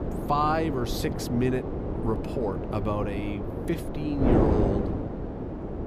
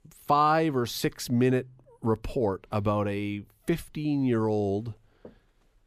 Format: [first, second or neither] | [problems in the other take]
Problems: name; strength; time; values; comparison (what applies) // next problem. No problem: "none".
second | wind noise on the microphone; heavy; 3 dB below the speech